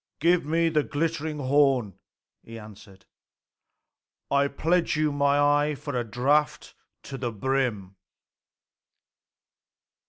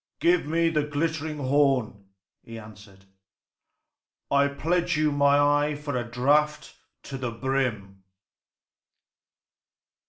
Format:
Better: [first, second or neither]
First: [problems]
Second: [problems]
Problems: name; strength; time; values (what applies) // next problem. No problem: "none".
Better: first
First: none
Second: room echo; dies away in 0.4 s